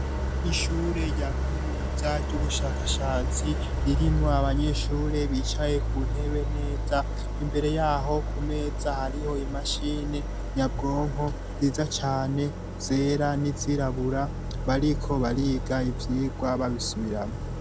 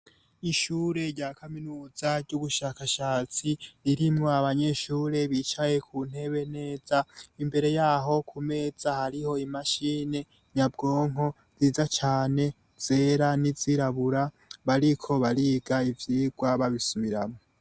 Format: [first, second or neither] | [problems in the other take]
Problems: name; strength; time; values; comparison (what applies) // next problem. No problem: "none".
second | background sound (Idling); as loud as the speech